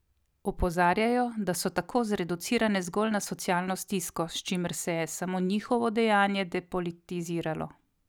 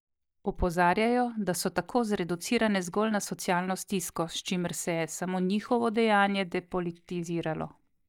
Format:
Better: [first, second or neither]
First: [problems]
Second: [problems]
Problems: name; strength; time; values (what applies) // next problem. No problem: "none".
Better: first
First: none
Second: noise reduction (neural mask model DeepFilterNet 3)